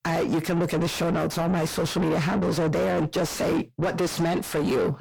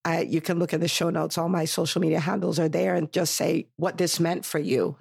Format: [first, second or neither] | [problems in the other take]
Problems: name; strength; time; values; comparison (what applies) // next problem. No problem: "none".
second | distortion; heavy; 6 dB below the speech